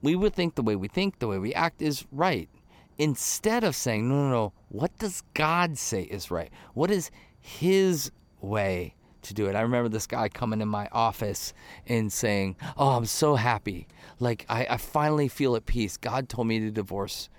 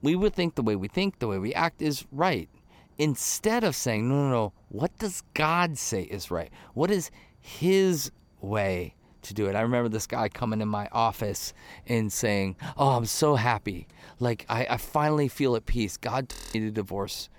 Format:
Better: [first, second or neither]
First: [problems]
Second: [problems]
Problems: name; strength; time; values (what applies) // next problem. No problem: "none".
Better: first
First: none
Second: audio freezing; at 16 s